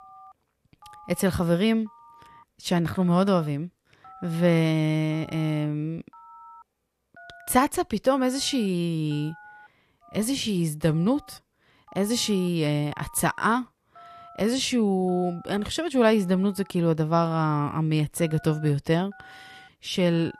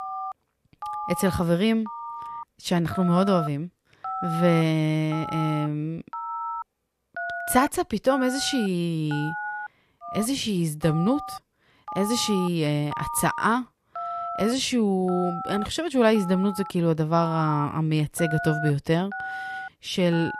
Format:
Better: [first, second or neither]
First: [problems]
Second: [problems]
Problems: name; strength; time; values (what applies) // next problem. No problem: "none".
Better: first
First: alarms or sirens; faint; throughout; 25 dB below the speech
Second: alarms or sirens; loud; throughout; 10 dB below the speech